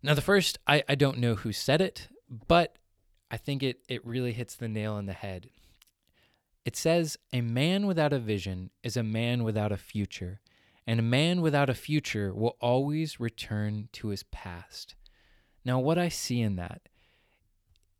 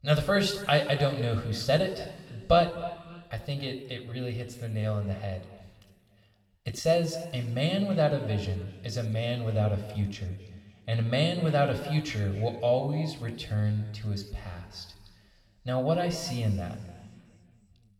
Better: first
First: none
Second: room echo; noticeable; dies away in 1.8 s // off-mic speech; somewhat distant

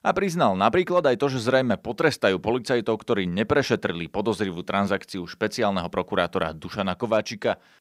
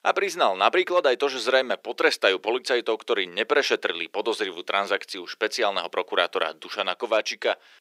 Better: first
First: none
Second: thin; very; fading below 350 Hz

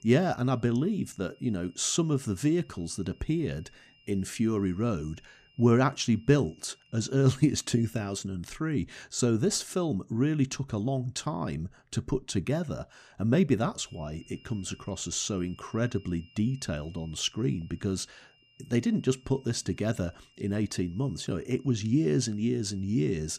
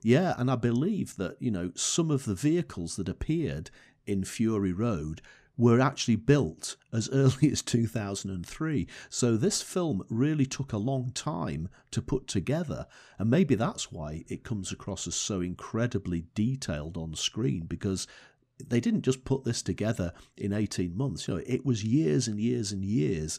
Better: second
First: high-pitched whine; faint; until 8 s and from 14 s on; 3 kHz, 30 dB below the speech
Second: none

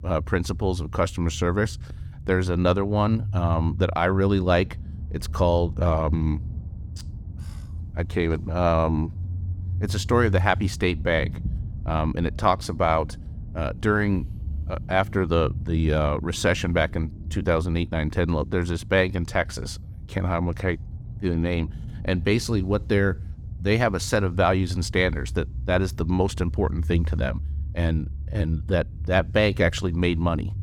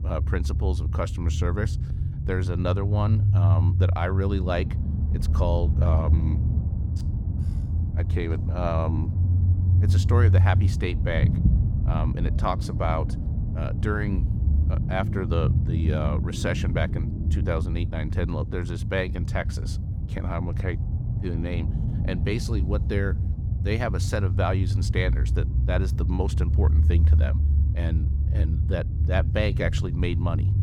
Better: first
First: low rumble; faint; throughout; 25 dB below the speech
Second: low rumble; loud; throughout; 8 dB below the speech

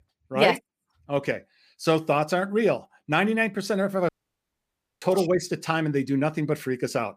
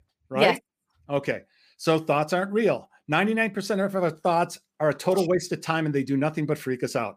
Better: second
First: audio cutting out; at 4 s for 1 s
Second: none

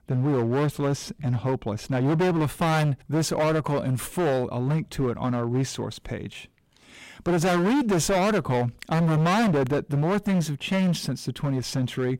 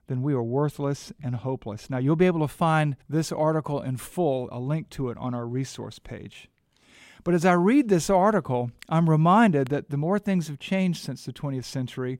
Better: second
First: distortion; heavy; 20% of the sound clipped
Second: none

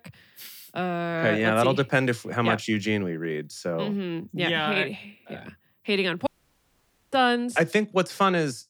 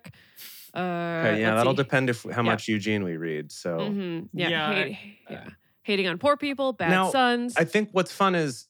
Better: second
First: audio cutting out; at 6.5 s for 1 s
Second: none

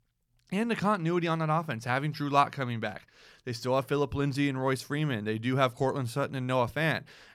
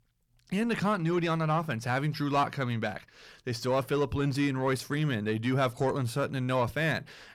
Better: first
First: none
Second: distortion; slight; 10 dB below the speech

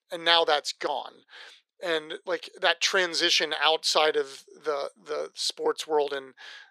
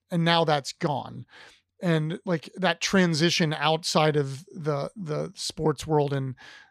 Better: second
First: thin; very; fading below 400 Hz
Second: none

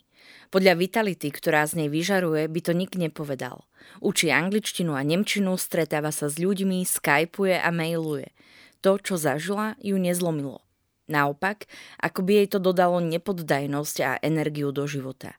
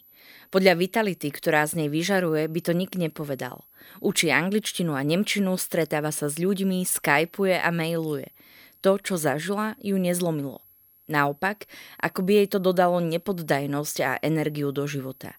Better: first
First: none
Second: high-pitched whine; faint; throughout; 11.5 kHz, 30 dB below the speech

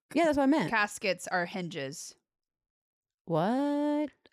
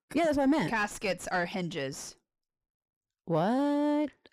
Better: first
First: none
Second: distortion; slight; 10 dB below the speech

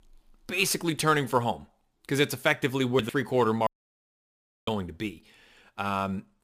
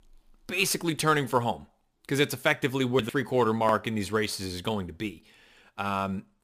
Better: second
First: audio cutting out; at 3.5 s for 1 s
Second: none

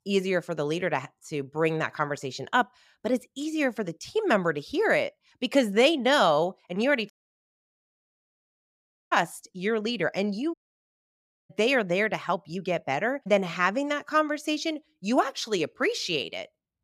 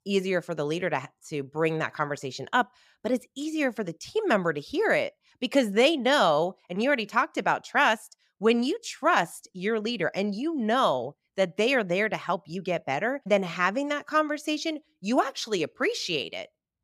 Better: second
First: audio cutting out; at 7 s for 2 s and at 11 s for 1 s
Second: none

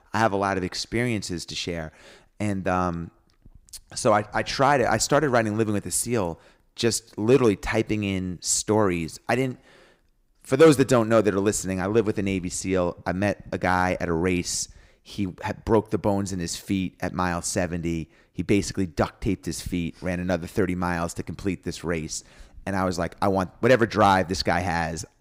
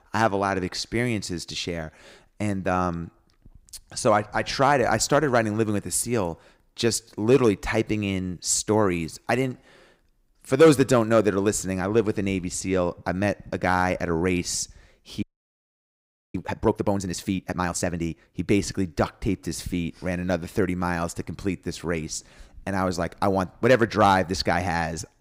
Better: first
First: none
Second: audio freezing; at 15 s for 1 s

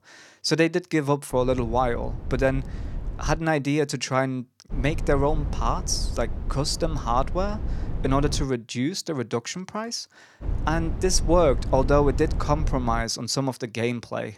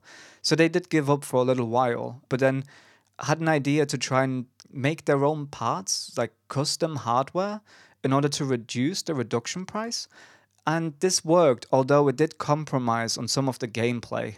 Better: second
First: low rumble; noticeable; from 1.5 to 3.5 s, from 4.5 to 8.5 s and from 10 to 13 s; 20 dB below the speech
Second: none

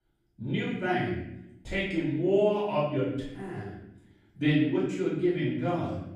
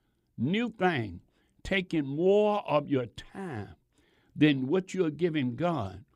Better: second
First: off-mic speech; far // room echo; noticeable; dies away in 0.7 s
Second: none

